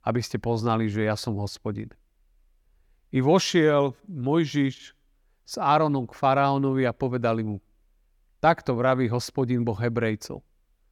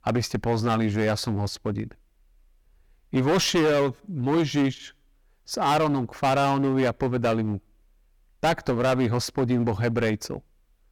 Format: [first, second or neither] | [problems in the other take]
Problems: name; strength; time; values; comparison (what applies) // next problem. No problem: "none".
first | distortion; heavy; 12% of the sound clipped